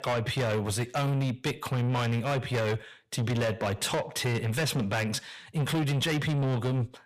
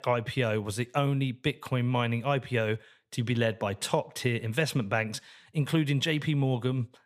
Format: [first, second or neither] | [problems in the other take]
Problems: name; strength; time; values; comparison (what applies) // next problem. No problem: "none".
second | distortion; heavy; 6 dB below the speech